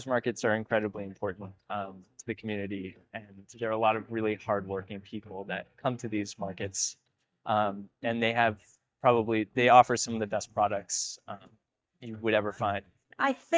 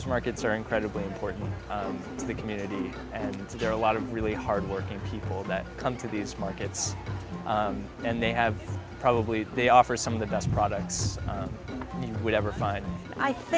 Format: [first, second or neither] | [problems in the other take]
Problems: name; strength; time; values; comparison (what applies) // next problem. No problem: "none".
second | noise reduction (neural mask model DeepFilterNet 3)